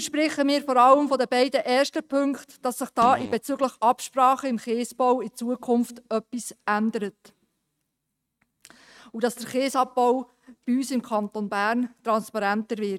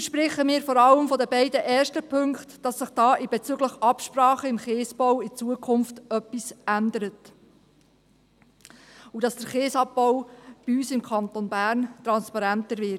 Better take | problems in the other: second | noise reduction (neural mask model RNNoise)

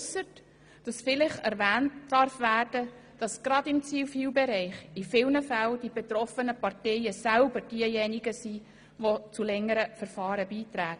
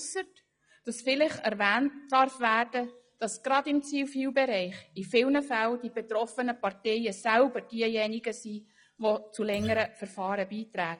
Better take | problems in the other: first | noise reduction (classical method log-MMSE)

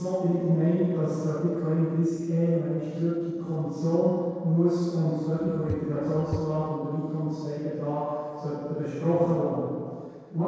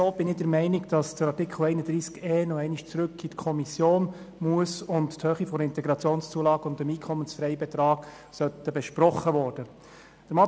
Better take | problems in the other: second | noise reduction (neural separator model SepFormer DNS4)

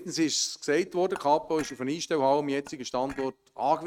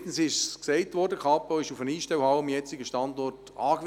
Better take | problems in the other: second | noise reduction (neural mask model RNNoise)

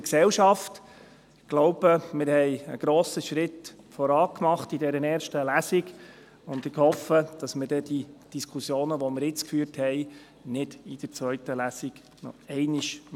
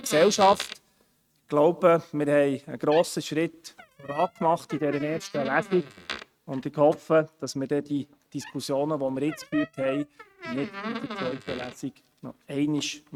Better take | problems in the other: first | noise reduction (neural mask model RNNoise)

